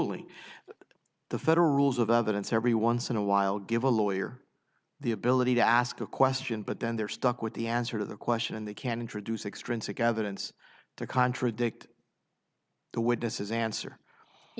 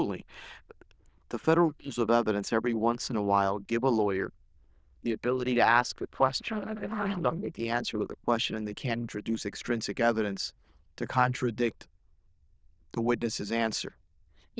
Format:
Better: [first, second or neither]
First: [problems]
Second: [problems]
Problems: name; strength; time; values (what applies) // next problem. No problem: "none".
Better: first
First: none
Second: noise reduction (neural diffusion model UNIVERSE++)